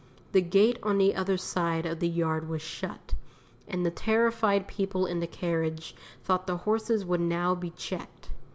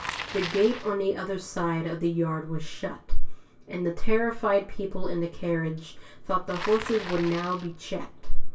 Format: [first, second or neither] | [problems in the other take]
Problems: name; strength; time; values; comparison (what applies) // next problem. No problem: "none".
first | background sound (Bicycle); 19 dB below the speech // room echo; dies away in 0.2 s